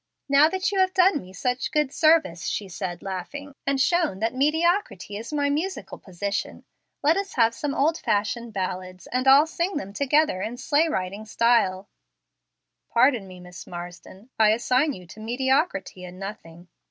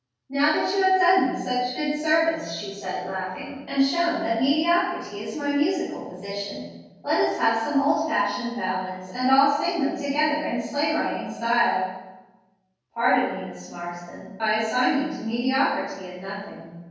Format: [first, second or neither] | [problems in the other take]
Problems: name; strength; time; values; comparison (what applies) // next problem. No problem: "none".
first | room echo; dies away in 1.3 s